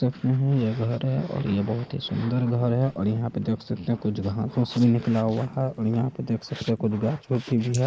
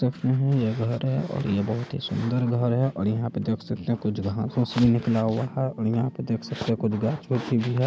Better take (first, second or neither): second